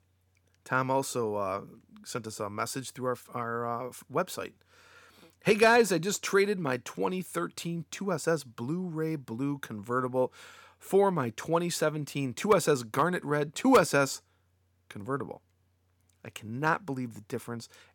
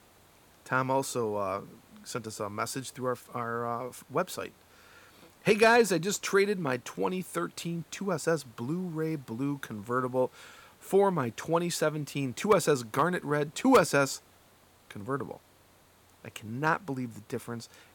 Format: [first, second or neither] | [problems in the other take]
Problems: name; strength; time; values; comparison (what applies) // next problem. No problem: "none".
first | hiss; faint; throughout; 30 dB below the speech